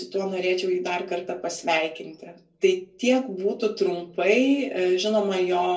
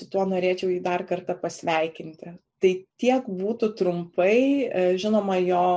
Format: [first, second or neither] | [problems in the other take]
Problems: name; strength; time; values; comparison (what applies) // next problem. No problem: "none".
second | room echo; dies away in 0.2 s